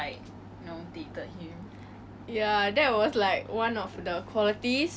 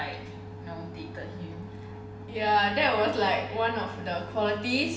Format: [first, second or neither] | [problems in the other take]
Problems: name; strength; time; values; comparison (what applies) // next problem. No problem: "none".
first | background sound (Telephone); 19 dB below the speech // room echo; dies away in 1.1 s